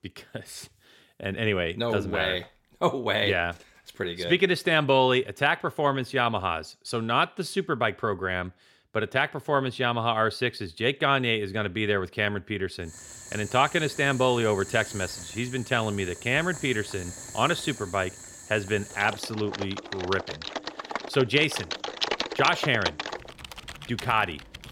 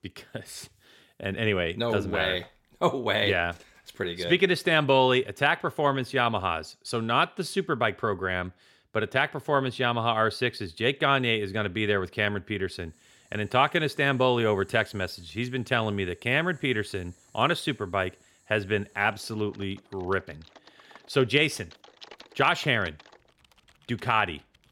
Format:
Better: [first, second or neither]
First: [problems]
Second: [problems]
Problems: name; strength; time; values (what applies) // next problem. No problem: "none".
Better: second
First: household noises; loud; from 13 s on; 10 dB below the speech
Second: household noises; faint; from 13 s on; 30 dB below the speech